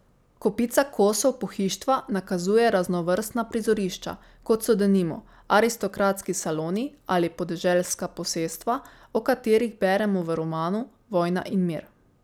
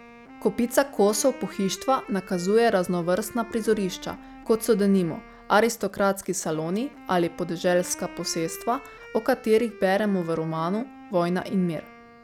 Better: first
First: none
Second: background sound (Wind instrument, woodwind instrument); 20 dB below the speech

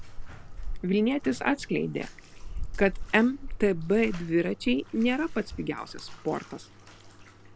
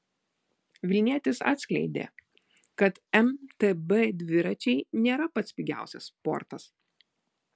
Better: second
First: background sound (Bathtub (filling or washing)); 8 dB below the speech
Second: none

